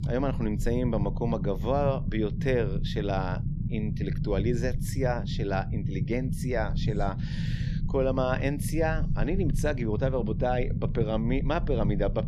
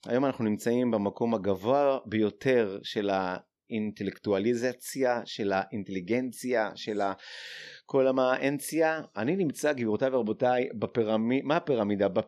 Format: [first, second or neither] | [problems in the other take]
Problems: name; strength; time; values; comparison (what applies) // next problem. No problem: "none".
second | low rumble; noticeable; throughout; 10 dB below the speech